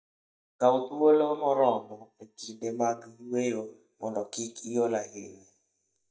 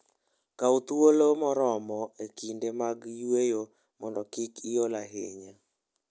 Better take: second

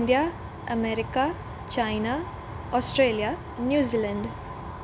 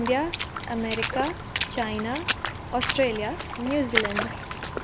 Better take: first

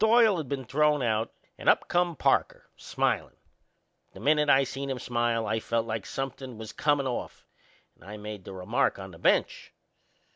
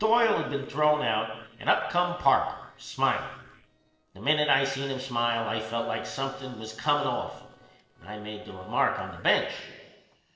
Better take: first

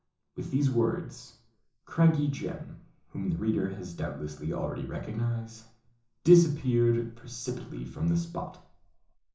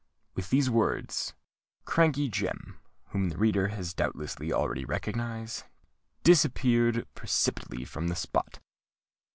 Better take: second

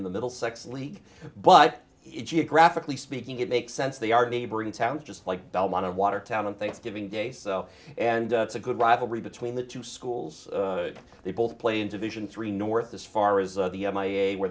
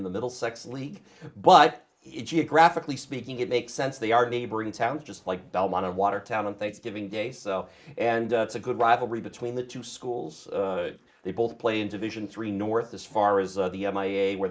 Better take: first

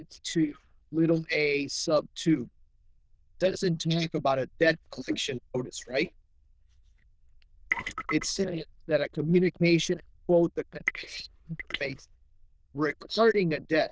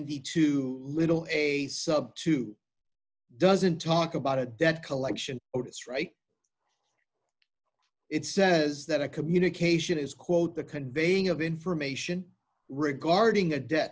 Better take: second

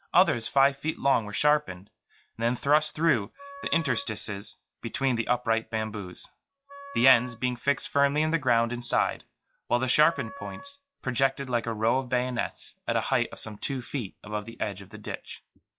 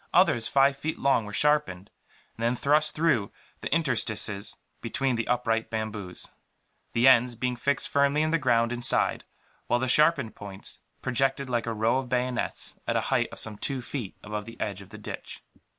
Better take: second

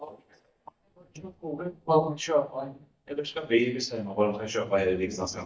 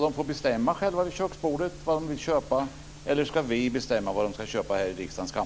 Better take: second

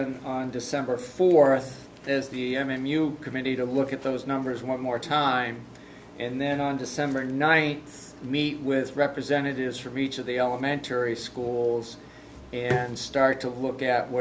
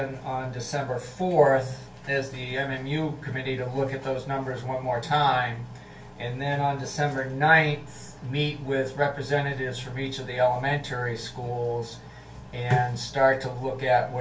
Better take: first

